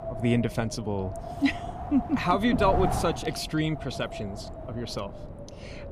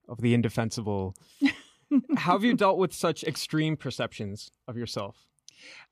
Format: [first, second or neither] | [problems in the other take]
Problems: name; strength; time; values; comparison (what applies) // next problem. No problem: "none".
second | wind noise on the microphone; heavy; 7 dB below the speech